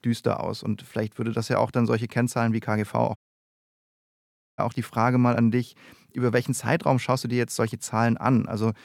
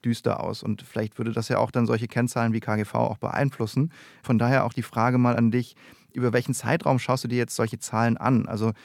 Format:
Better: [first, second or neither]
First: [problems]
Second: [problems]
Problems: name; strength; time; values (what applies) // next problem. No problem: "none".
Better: second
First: audio cutting out; at 3 s for 1.5 s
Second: none